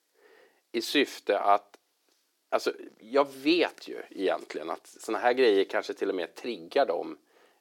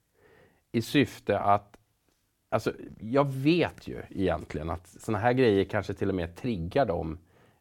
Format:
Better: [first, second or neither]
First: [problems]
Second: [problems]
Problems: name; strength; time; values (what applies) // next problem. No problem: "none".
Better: second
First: thin; somewhat; fading below 350 Hz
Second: none